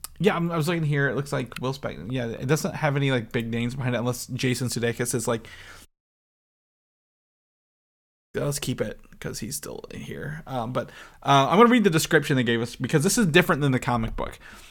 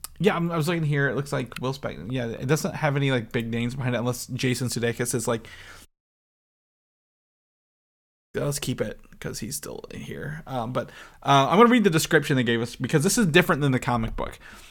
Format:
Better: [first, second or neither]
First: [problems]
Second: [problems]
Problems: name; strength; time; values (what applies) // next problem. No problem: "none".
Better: neither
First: audio cutting out; at 6 s for 2.5 s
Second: audio cutting out; at 6 s for 2.5 s